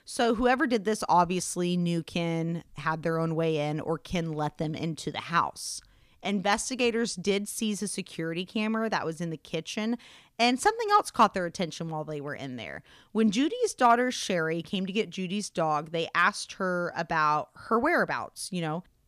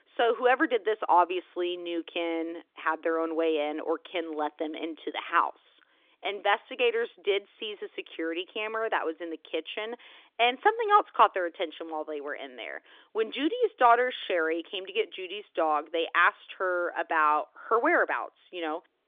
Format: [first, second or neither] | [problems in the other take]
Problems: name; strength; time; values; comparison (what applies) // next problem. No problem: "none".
first | phone-call audio; nothing above 3.5 kHz